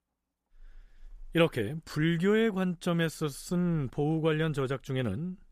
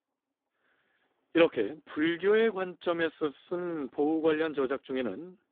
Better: first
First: none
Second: phone-call audio; poor line

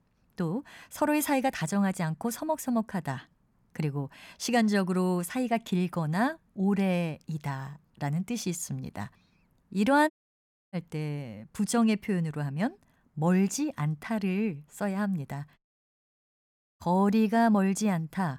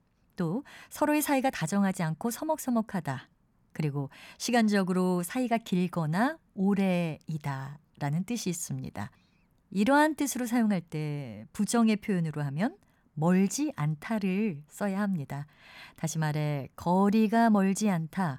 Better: second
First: audio cutting out; at 10 s for 0.5 s and at 16 s for 1 s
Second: none

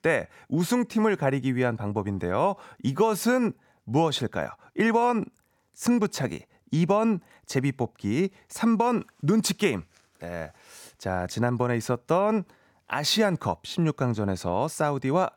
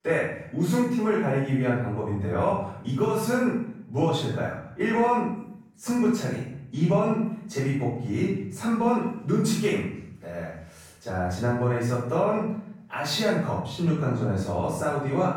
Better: first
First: none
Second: off-mic speech; far // room echo; noticeable; dies away in 0.7 s

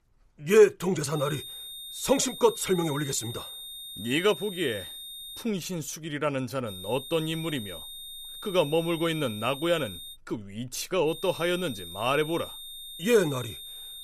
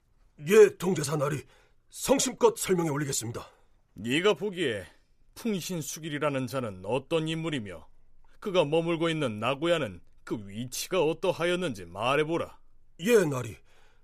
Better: second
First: high-pitched whine; noticeable; from 1 to 5.5 s, from 6.5 to 10 s and from 11 s on; 3.5 kHz, 10 dB below the speech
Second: none

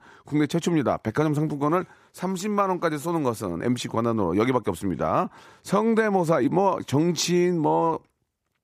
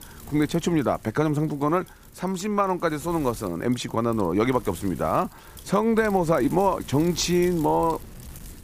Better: first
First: none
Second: wind noise on the microphone; occasional gusts; 25 dB below the speech

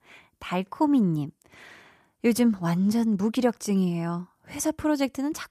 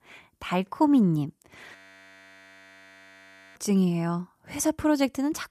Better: first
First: none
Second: audio freezing; at 2 s for 2 s

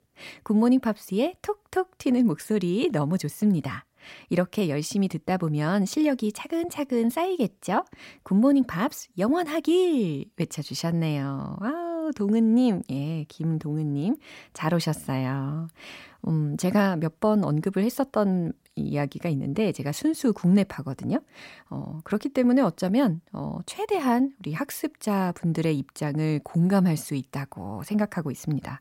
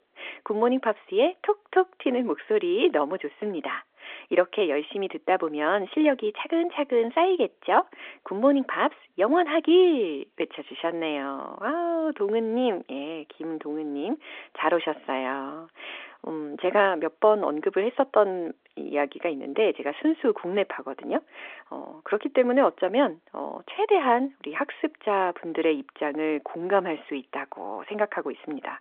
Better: first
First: none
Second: phone-call audio; nothing above 3.5 kHz

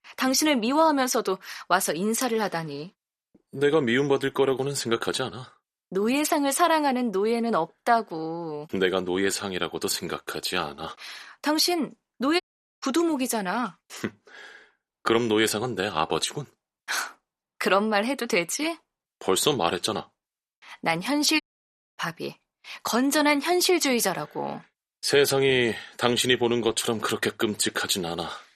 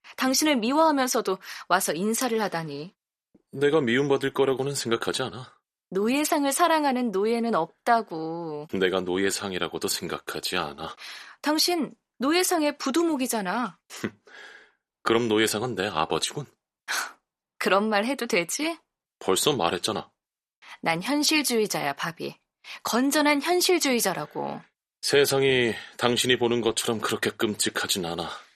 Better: second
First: audio cutting out; at 12 s and at 21 s for 0.5 s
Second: none

